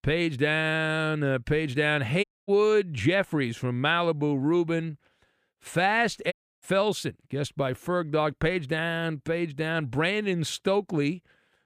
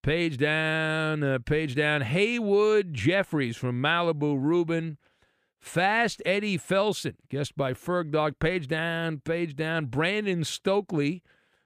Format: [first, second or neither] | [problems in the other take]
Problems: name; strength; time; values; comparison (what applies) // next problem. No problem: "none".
second | audio cutting out; at 2 s and at 6.5 s